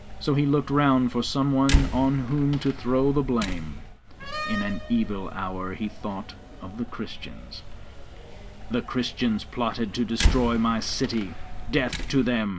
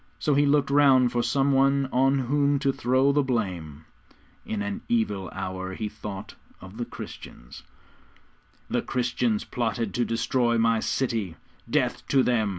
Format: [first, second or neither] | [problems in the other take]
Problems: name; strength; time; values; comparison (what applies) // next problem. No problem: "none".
second | background sound (Slam); 5 dB below the speech